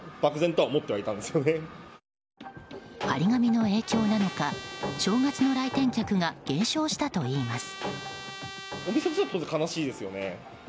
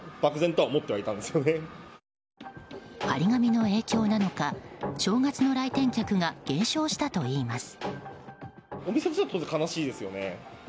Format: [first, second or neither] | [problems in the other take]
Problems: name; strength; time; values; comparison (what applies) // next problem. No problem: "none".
second | background sound (Trumpet); 14 dB below the speech